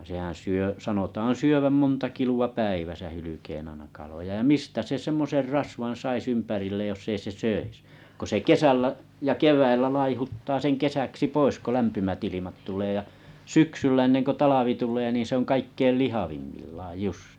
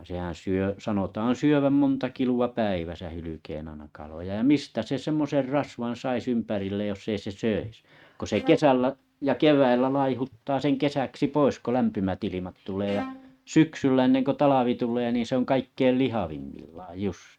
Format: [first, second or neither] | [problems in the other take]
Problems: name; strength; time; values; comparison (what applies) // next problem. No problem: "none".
first | noise reduction (neural mask model RNNoise)